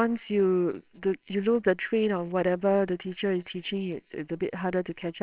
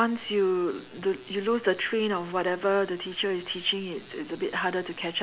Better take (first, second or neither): second